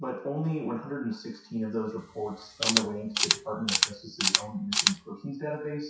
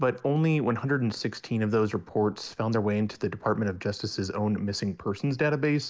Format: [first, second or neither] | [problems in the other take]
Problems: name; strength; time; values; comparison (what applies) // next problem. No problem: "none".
second | noise reduction (classical method WPE with log-MMSE)